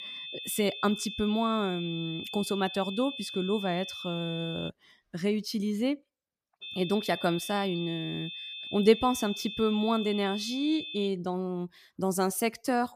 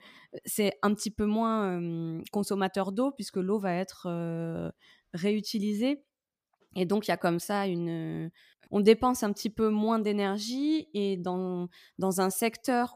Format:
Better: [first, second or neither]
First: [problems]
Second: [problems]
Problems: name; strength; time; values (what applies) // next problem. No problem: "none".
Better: second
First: high-pitched whine; loud; until 4.5 s and from 6.5 to 11 s; 3.5 kHz, 8 dB below the speech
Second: none